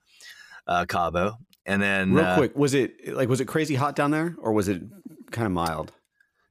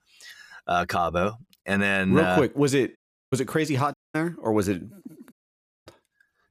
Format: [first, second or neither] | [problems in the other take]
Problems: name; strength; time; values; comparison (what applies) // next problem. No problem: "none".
first | audio cutting out; at 3 s, at 4 s and at 5.5 s for 0.5 s